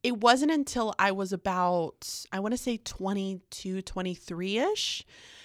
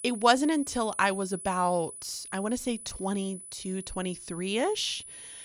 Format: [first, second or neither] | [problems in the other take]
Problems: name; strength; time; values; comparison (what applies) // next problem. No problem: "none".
first | high-pitched whine; noticeable; throughout; 10 kHz, 10 dB below the speech